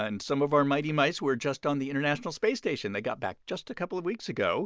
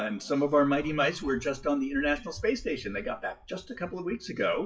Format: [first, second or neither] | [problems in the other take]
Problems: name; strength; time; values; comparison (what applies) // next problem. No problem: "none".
first | noise reduction (classical method WPE with log-MMSE)